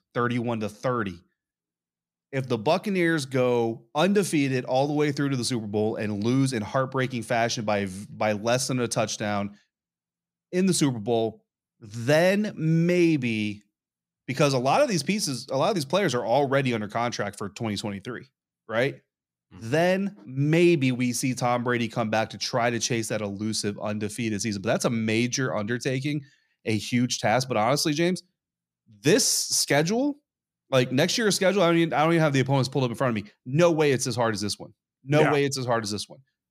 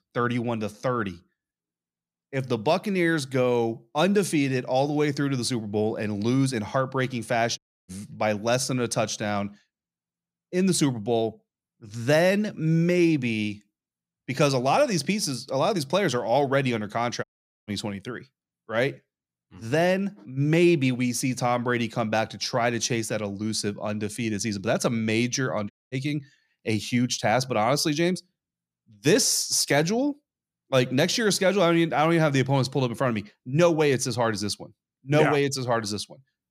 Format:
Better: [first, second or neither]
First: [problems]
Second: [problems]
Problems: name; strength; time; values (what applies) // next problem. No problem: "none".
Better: first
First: none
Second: audio cutting out; at 7.5 s, at 17 s and at 26 s